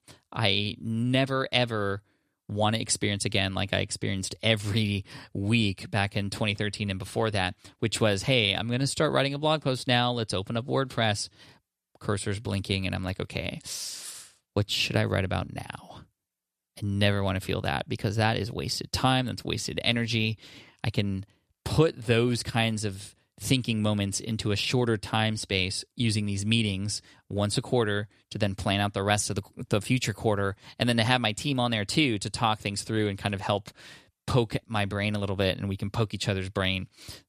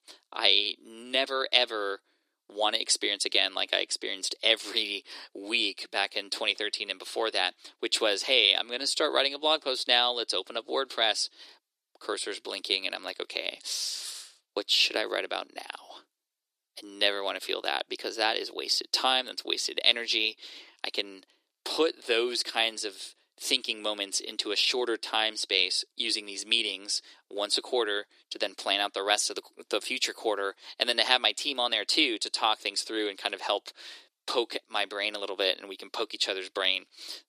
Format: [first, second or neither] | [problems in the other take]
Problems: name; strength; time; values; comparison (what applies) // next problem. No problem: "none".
first | thin; very; fading below 350 Hz